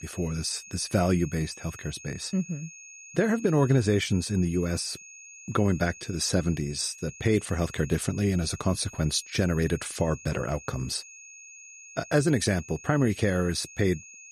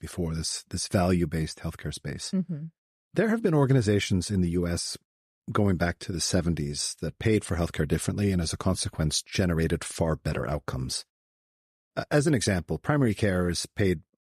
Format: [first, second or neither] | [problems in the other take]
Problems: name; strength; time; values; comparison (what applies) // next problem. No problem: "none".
second | high-pitched whine; noticeable; throughout; 6.5 kHz, 15 dB below the speech